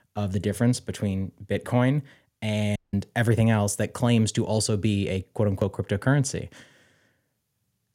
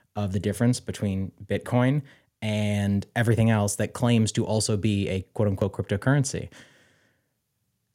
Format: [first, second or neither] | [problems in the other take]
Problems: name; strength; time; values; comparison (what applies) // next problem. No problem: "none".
second | audio cutting out; at 3 s